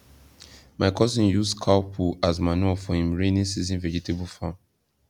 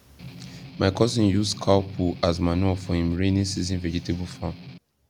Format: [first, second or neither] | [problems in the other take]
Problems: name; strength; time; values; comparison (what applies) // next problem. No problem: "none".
first | background sound (Strum); 16 dB below the speech